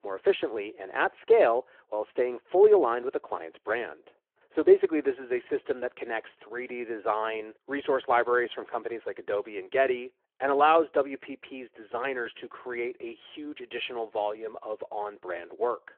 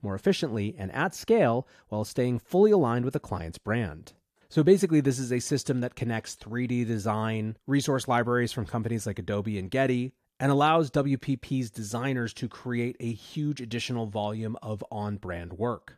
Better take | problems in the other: second | phone-call audio

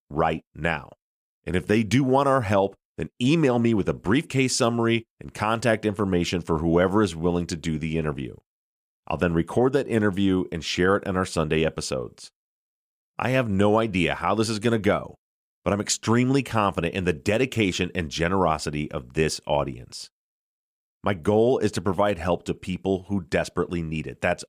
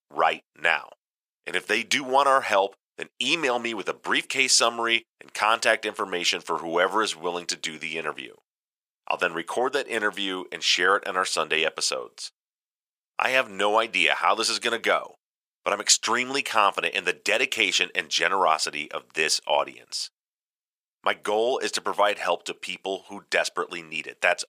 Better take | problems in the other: first | thin; very; fading below 700 Hz

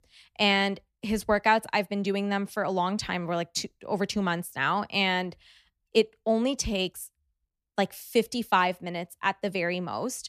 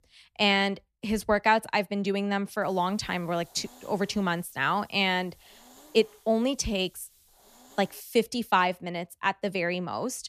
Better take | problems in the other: first | hiss; faint; from 2.5 to 8 s; 25 dB below the speech

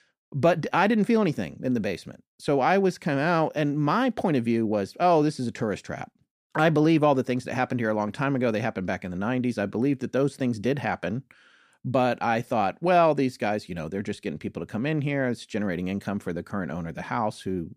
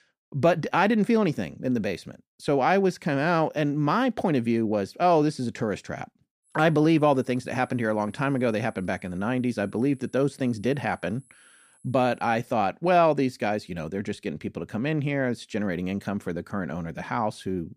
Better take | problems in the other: first | high-pitched whine; faint; from 6.5 to 12 s; 10.5 kHz, 30 dB below the speech

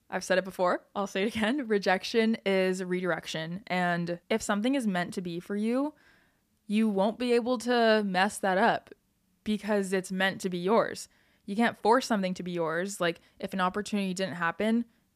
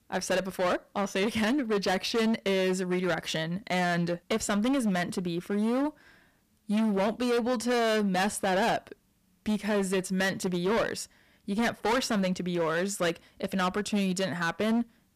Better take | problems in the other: first | distortion; heavy; 17% of the sound clipped

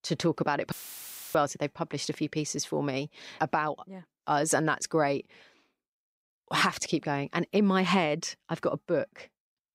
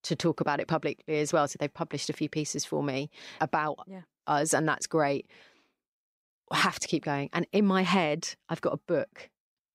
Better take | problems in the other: second | audio cutting out; filled with static; at 0.5 s for 0.5 s

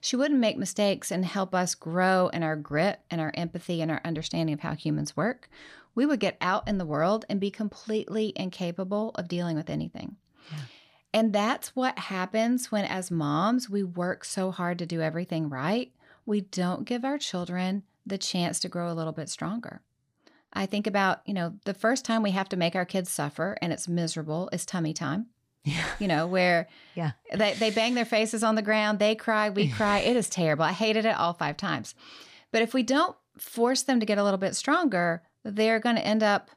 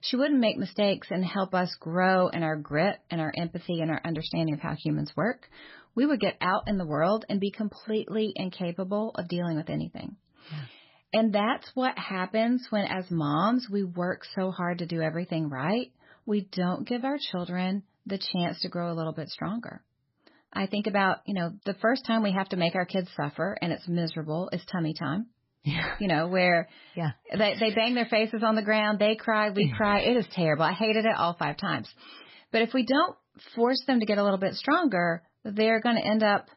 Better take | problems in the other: first | garbled, watery; badly; nothing above 5.5 kHz

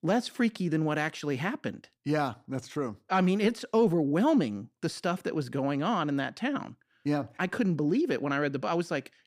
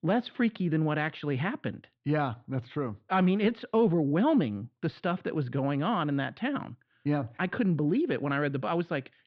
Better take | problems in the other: first | muffled; slightly; fading above 3.5 kHz

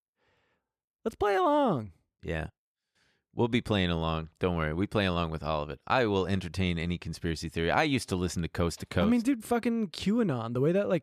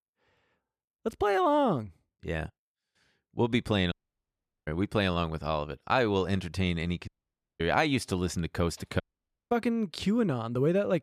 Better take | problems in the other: first | audio cutting out; at 4 s for 1 s, at 7 s for 0.5 s and at 9 s for 0.5 s

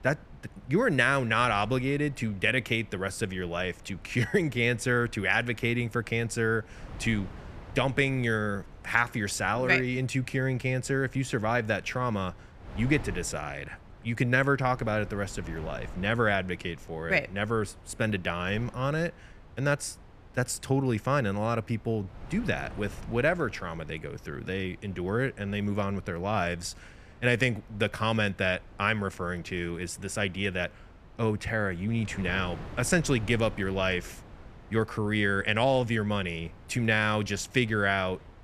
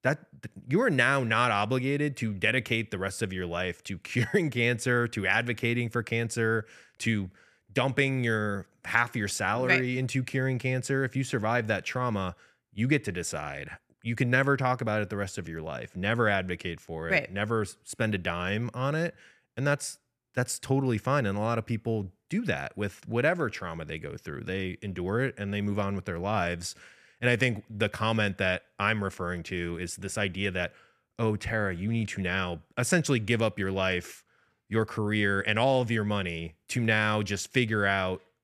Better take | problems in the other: second | wind noise on the microphone; occasional gusts; 25 dB below the speech

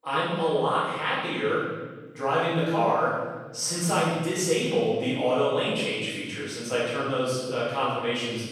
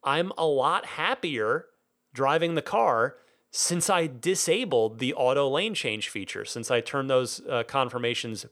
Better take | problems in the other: second | off-mic speech; far // room echo; strong; dies away in 1.5 s

